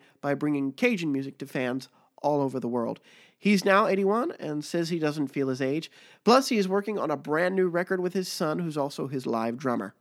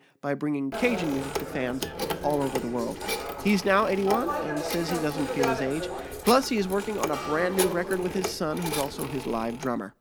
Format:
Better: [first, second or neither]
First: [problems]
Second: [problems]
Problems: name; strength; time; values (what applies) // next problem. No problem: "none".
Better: first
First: none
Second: phone ringing; loud; from 0.5 s on; peak level with the speech